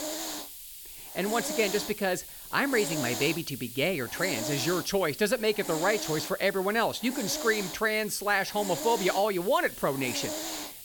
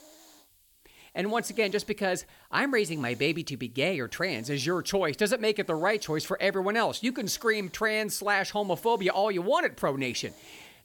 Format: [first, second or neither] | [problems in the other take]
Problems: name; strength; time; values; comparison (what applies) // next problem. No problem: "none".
second | hiss; loud; throughout; 7 dB below the speech; faint in the second